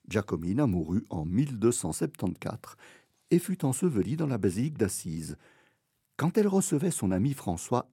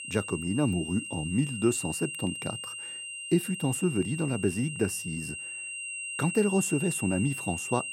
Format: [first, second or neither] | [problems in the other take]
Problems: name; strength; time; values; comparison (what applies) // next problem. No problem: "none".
first | high-pitched whine; loud; throughout; 3 kHz, 6 dB below the speech